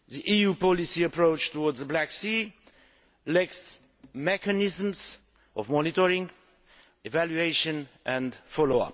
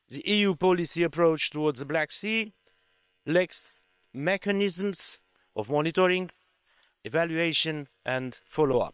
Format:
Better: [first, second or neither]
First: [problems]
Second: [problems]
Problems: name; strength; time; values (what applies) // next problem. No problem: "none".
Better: first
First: none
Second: noise reduction (neural separator model SepFormer WHAM!)